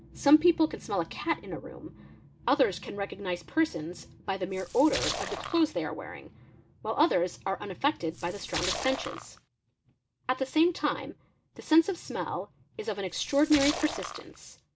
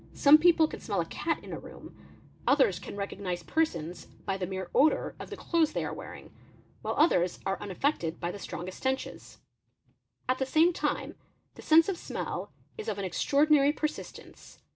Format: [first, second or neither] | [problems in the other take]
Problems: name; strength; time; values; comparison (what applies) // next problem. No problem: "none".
second | background sound (Splash, splatter); 7 dB below the speech